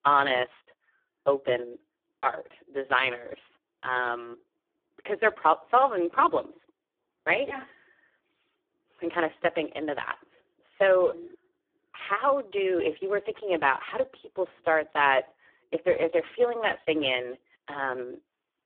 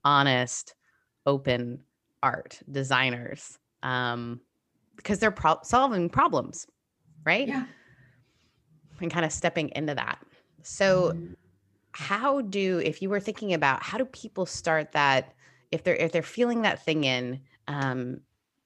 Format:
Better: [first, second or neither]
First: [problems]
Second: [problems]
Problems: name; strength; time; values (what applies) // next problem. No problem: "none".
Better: second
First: phone-call audio; poor line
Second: none